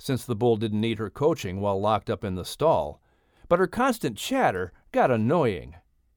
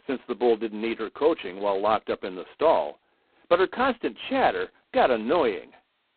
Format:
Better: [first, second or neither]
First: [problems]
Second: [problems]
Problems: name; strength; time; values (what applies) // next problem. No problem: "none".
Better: first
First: none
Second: phone-call audio; poor line; nothing above 4 kHz